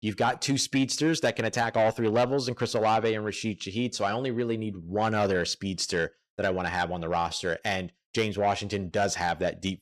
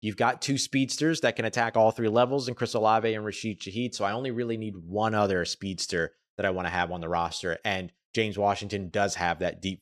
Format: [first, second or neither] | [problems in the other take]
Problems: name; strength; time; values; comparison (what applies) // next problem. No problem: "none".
second | distortion; slight; 10 dB below the speech